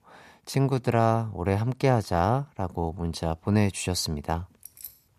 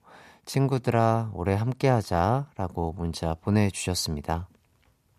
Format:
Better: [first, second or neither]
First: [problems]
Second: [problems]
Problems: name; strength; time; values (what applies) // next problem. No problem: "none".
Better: second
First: jangling keys; faint; at 4.5 s; peak 15 dB below the speech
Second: none